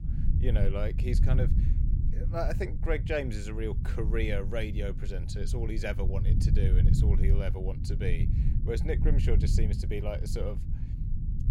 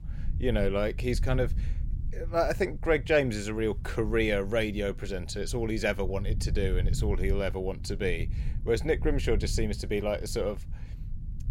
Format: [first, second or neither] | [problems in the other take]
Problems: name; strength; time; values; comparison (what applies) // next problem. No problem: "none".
second | low rumble; loud; throughout; 7 dB below the speech; faint in the second